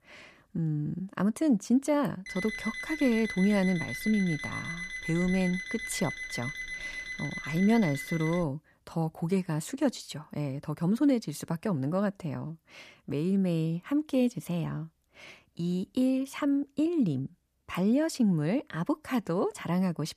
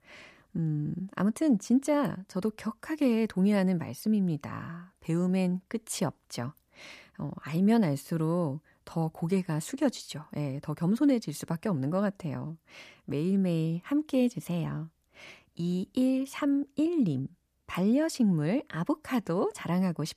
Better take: second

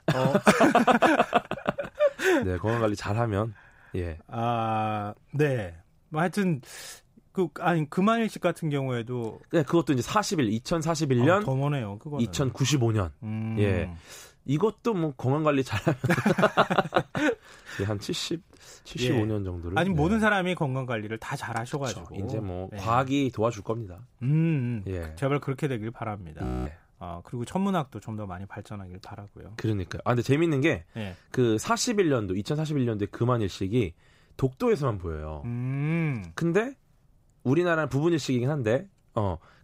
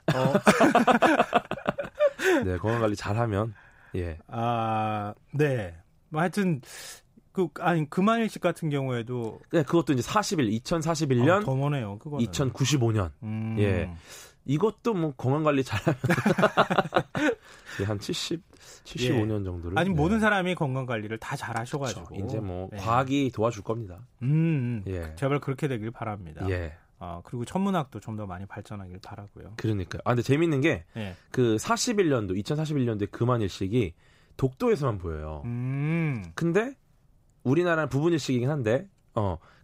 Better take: second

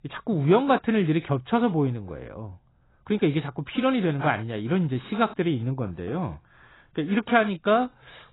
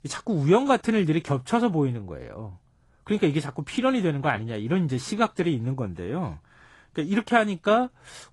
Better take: second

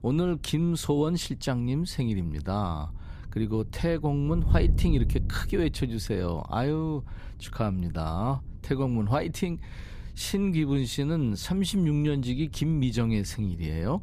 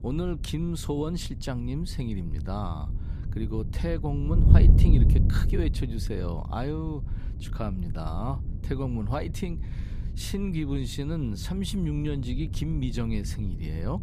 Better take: first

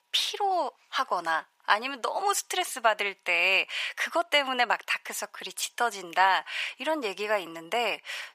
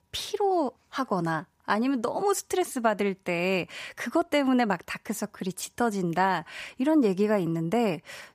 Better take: second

